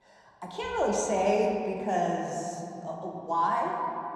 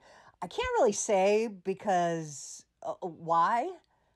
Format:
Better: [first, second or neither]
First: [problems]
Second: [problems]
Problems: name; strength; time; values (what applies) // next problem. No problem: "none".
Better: second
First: room echo; noticeable; dies away in 2.8 s // off-mic speech; somewhat distant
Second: none